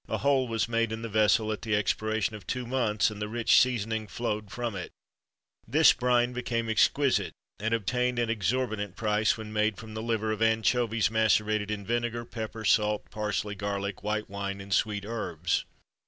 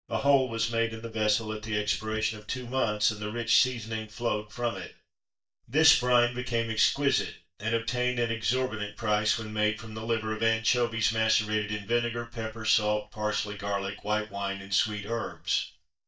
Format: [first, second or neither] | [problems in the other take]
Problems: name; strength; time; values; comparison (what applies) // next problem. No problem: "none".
first | noise reduction (neural mask model DeepFilterNet 3)